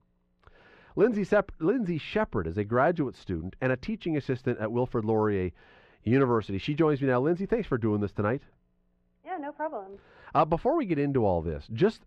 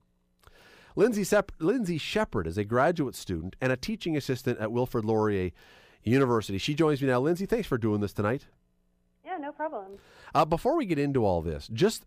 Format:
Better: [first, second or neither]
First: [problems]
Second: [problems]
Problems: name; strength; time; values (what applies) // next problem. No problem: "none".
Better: second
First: muffled; slightly; fading above 2.5 kHz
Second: none